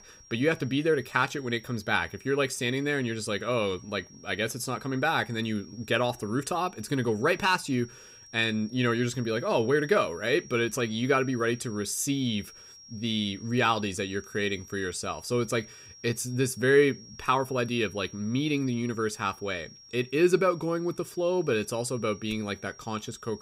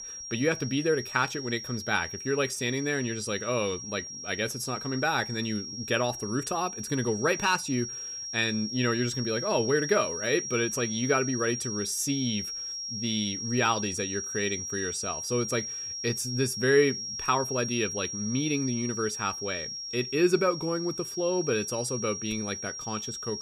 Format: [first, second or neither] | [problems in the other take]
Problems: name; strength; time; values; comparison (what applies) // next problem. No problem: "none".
first | high-pitched whine; loud; throughout; 5.5 kHz, 5 dB below the speech; faint in the first